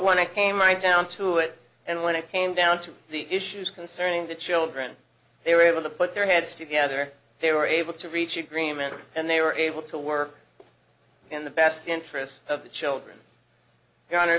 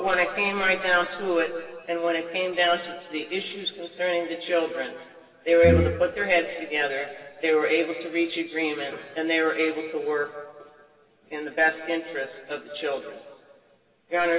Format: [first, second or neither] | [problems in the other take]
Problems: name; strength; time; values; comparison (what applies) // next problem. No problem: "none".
first | background sound (Brass instrument); 1 dB above the speech // room echo; dies away in 2 s